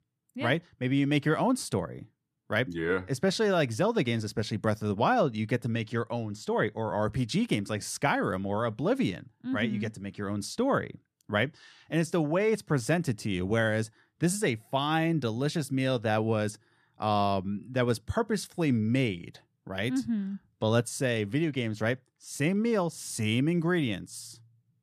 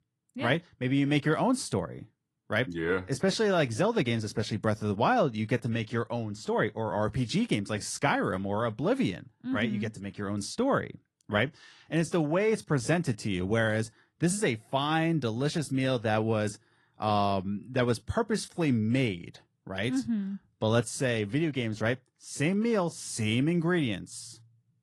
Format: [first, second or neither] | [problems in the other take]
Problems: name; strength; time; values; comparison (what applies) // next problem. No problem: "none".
first | garbled, watery; slightly